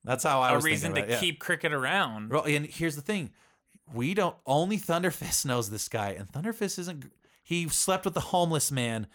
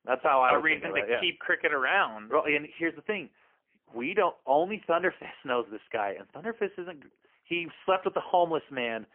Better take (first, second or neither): first